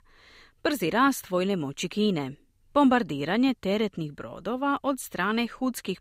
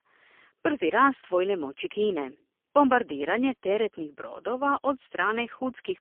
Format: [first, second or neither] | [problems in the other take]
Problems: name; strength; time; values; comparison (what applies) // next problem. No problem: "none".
first | phone-call audio; poor line; nothing above 3 kHz